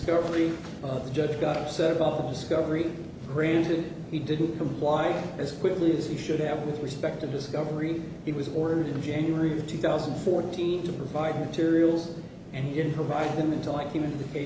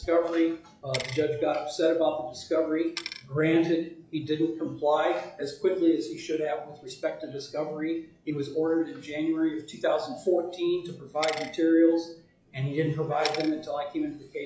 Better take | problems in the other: first | noise reduction (classical method log-MMSE)

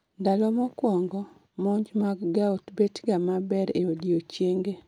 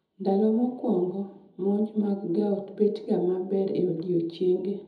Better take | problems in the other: first | room echo; dies away in 0.8 s

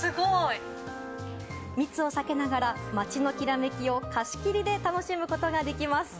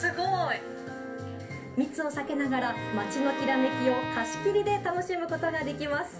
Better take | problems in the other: first | background sound (Bowed string instrument); 8 dB below the speech // room echo; dies away in 0.3 s

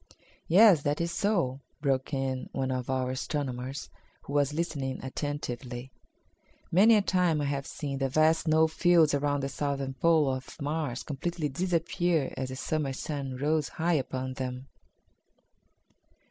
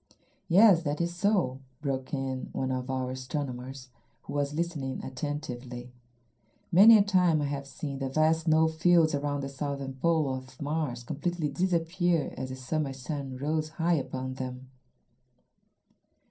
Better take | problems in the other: first | room echo; dies away in 0.3 s

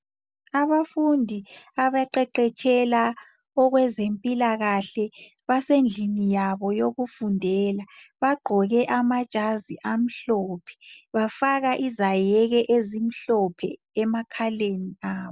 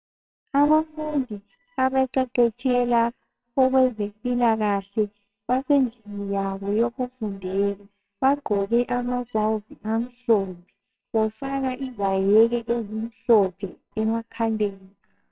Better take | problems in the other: first | noise reduction (neural separator model SepFormer WHAMR!)

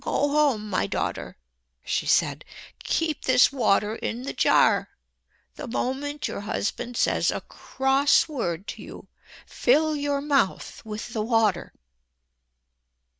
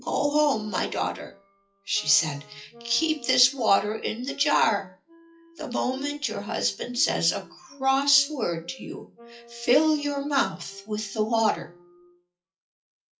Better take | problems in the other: first | noise reduction (classical method WPE with log-MMSE)

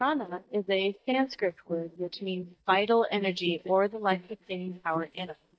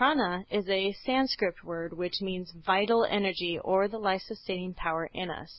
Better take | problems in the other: second | noise reduction (neural mask model DeepFilterNet 3)

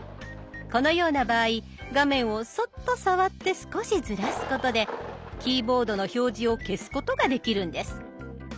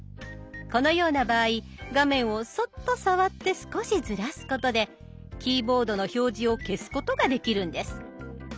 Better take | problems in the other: second | background sound (Thunder); 16 dB below the speech

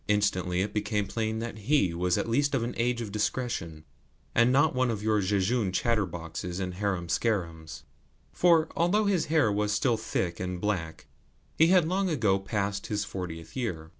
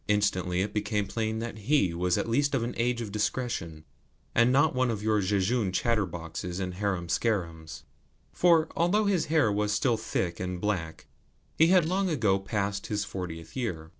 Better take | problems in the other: first | noise reduction (neural separator model SepFormer DNS4)

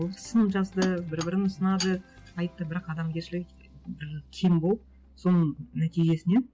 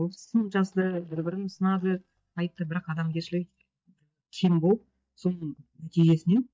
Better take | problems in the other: first | noise reduction (neural mask model DeepFilterNet 3)

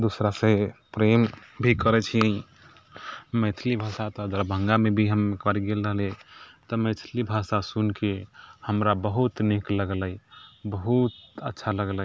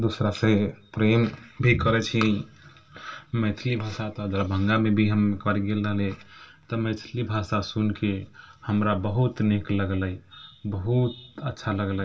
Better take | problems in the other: first | room echo; dies away in 0.2 s

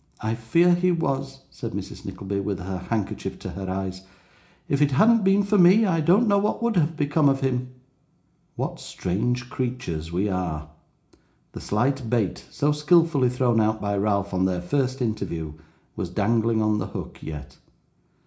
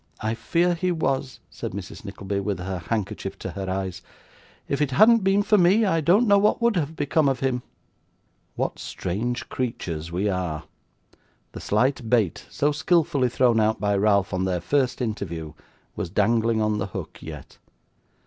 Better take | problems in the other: second | room echo; dies away in 0.4 s

